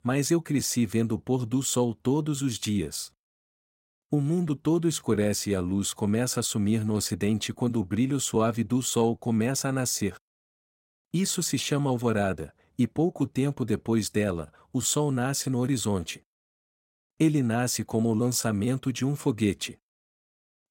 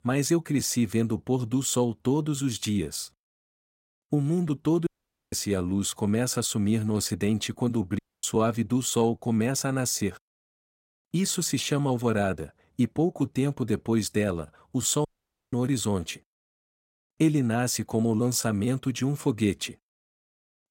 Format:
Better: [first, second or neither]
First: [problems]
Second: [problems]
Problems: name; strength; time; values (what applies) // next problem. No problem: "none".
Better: first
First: none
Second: audio cutting out; at 5 s, at 8 s and at 15 s